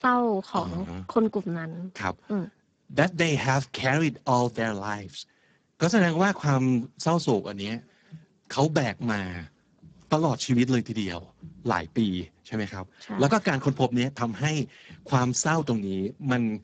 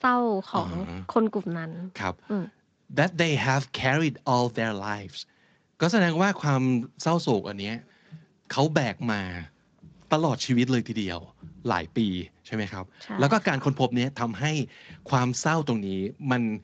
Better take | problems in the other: second | garbled, watery; badly; nothing above 7.5 kHz; slightly in the second

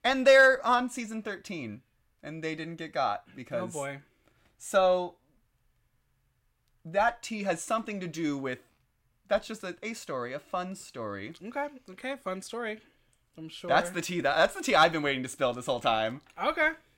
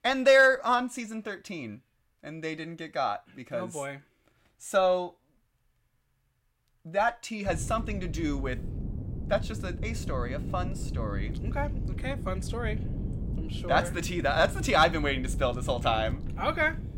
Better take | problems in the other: first | wind noise on the microphone; occasional gusts; from 7.5 s on; 20 dB below the speech

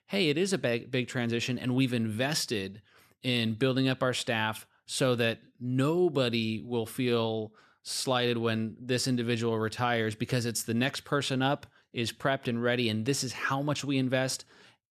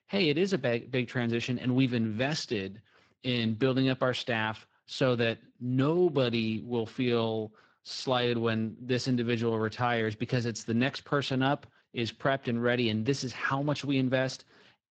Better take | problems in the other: first | garbled, watery; slightly; nothing above 7.5 kHz

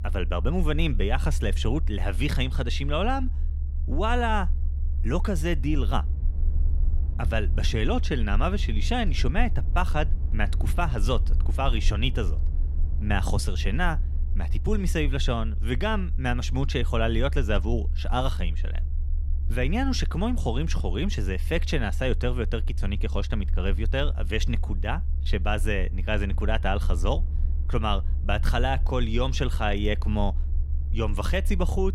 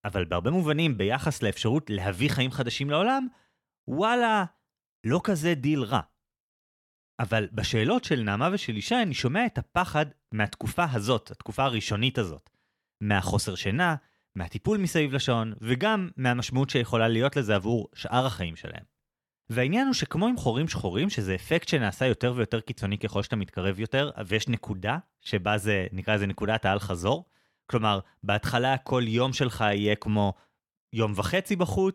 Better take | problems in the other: second | low rumble; noticeable; throughout; 20 dB below the speech

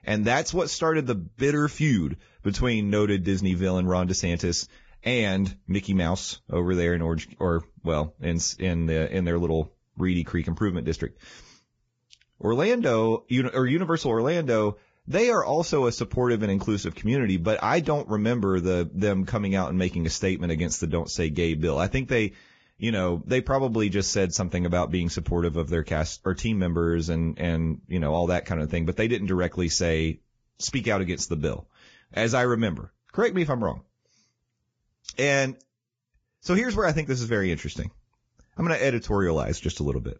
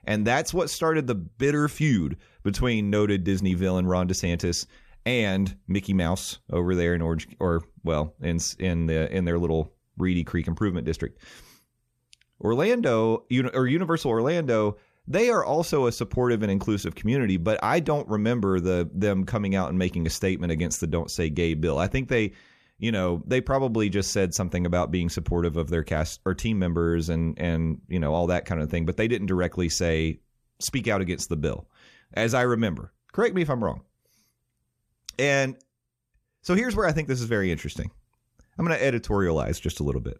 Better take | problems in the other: second | garbled, watery; badly; nothing above 7.5 kHz

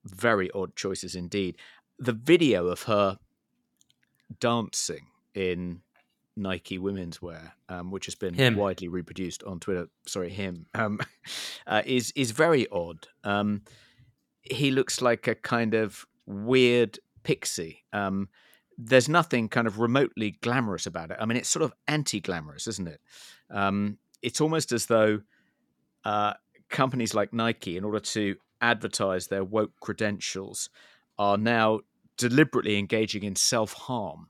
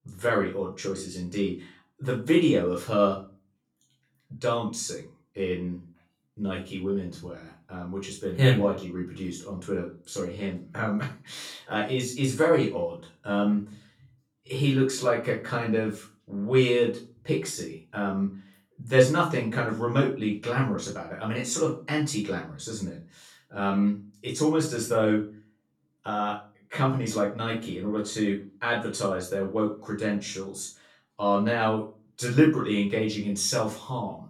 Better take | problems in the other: first | off-mic speech; far // room echo; slight; dies away in 0.3 s

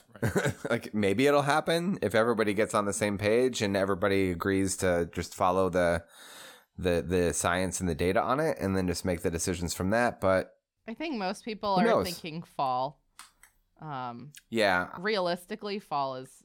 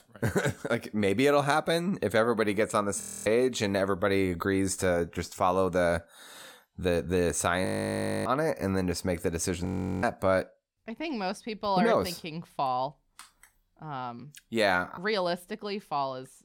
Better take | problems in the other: first | audio freezing; at 3 s, at 7.5 s for 0.5 s and at 9.5 s

